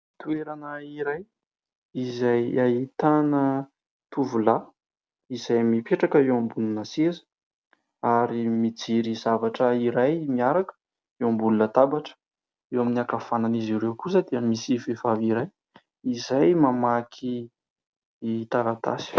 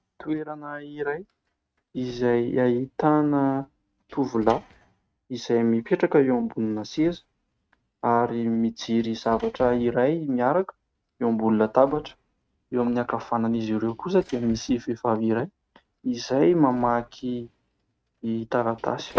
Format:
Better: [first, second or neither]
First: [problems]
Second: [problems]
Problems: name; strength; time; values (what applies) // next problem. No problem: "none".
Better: first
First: none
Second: noise reduction (neural mask model RNNoise)